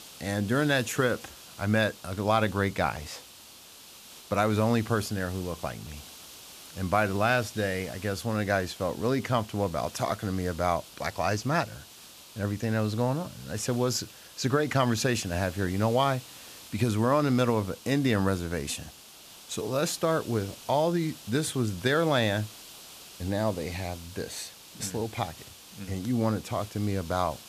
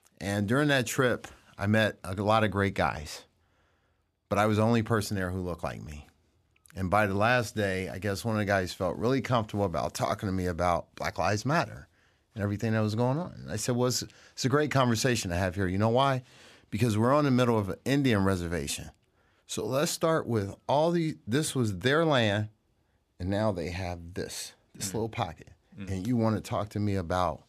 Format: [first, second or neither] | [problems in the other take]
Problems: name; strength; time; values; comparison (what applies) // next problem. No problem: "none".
second | hiss; noticeable; throughout; 15 dB below the speech